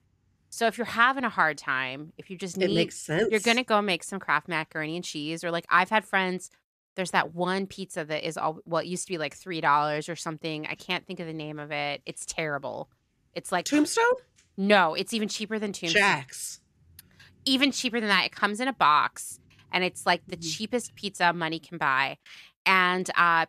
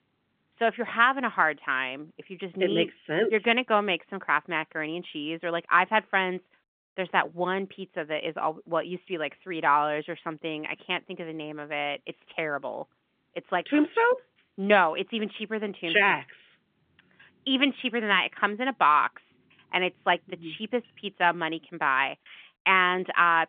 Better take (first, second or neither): first